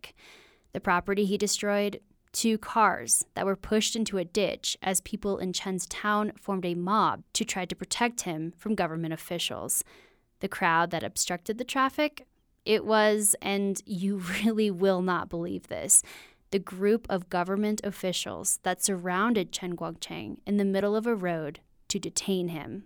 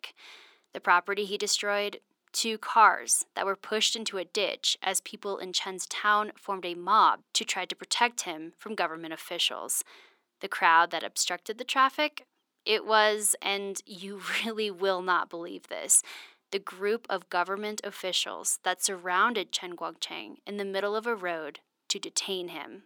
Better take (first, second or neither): first